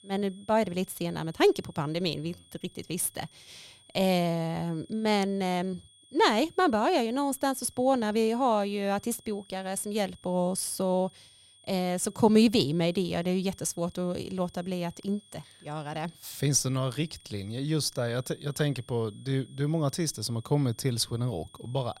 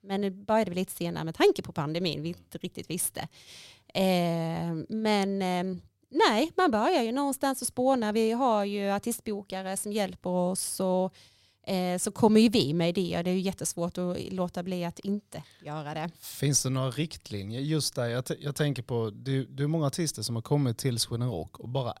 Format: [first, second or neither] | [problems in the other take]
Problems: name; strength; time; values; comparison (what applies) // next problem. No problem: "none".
second | high-pitched whine; faint; throughout; 3.5 kHz, 25 dB below the speech